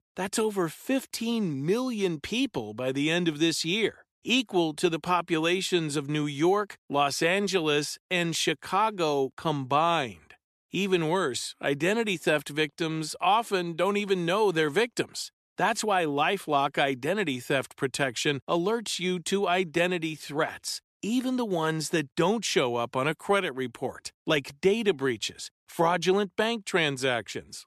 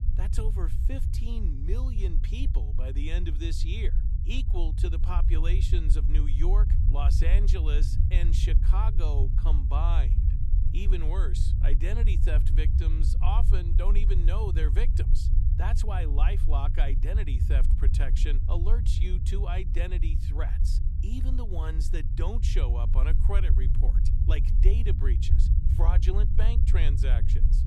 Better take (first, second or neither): first